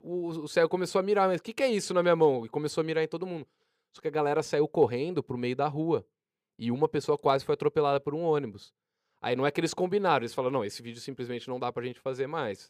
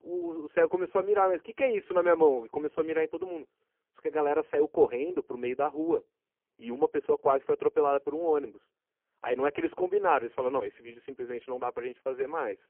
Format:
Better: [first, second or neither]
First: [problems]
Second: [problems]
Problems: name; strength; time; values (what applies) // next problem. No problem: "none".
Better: first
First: none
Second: phone-call audio; poor line